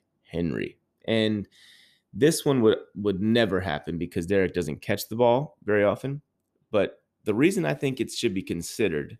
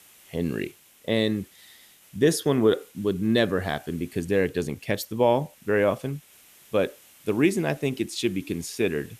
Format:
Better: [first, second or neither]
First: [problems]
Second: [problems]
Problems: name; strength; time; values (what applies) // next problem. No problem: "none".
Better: first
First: none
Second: hiss; faint; throughout; 25 dB below the speech